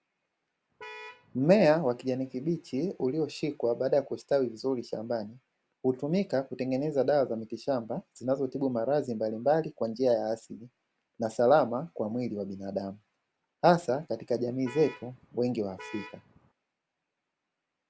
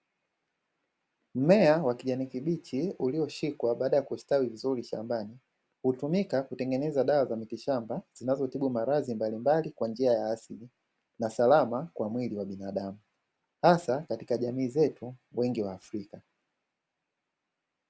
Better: second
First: background sound (Vehicle horn, car horn, honking); 17 dB below the speech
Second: none

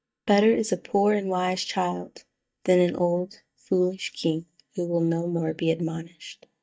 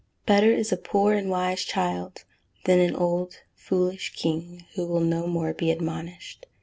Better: second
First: noise reduction (neural mask model DeepFilterNet 3)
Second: none

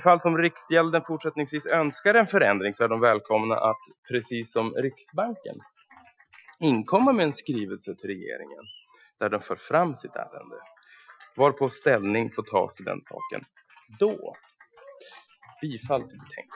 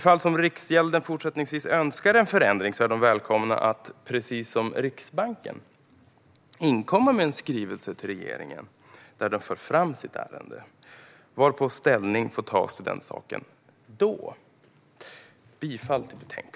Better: second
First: noise reduction (classical method Wiener filter)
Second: none

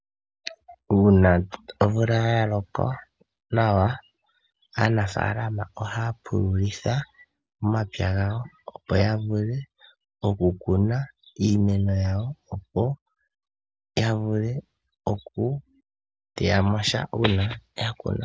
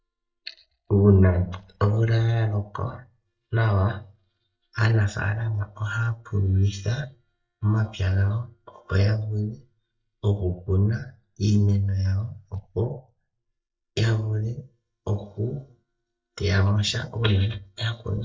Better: first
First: none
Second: noise reduction (neural mask model DeepFilterNet 3)

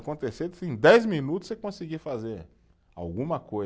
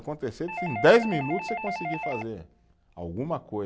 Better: first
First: none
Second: background sound (Doorbell); 7 dB below the speech

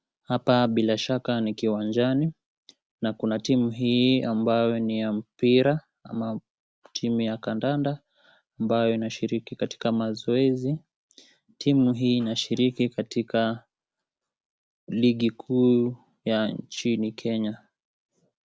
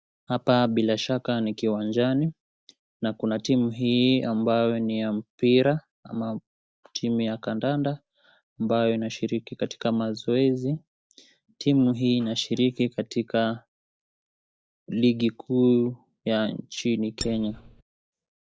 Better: first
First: none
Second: noise reduction (neural mask model DeepFilterNet 3)

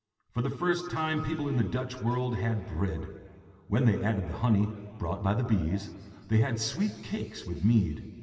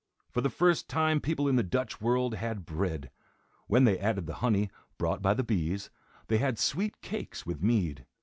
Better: second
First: room echo; dies away in 2.2 s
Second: none

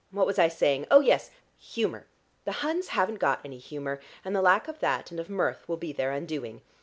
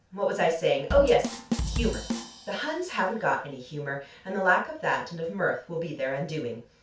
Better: first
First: none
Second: background sound (Bass drum / Drum kit); 7 dB below the speech // room echo; dies away in 0.3 s

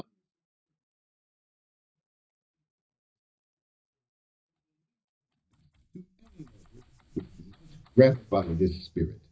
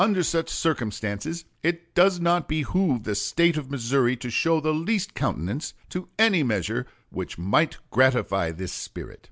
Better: second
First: noise reduction (neural mask model DeepFilterNet 3)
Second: none

